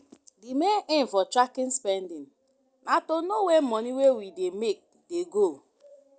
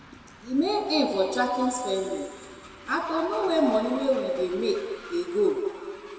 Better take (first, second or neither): first